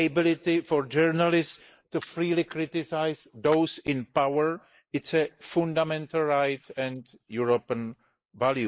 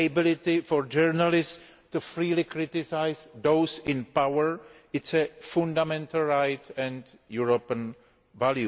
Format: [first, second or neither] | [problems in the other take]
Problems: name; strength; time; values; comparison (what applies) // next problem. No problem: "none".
second | noise reduction (neural mask model Resemble Enhance denoiser)